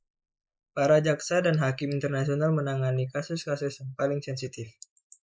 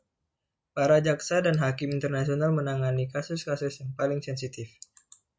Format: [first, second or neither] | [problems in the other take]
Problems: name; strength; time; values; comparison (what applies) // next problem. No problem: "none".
second | noise reduction (neural mask model Resemble Enhance denoiser)